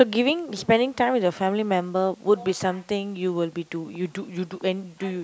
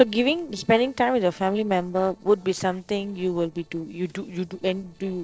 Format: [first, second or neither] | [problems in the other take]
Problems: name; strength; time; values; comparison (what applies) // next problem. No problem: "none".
first | noise reduction (neural separator model SepFormer DNS4)